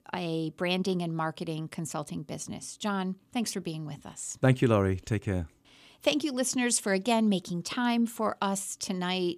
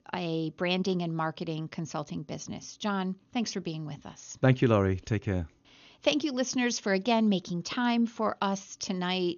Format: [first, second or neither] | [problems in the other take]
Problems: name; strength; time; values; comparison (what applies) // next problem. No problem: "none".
first | garbled, watery; slightly; nothing above 6.5 kHz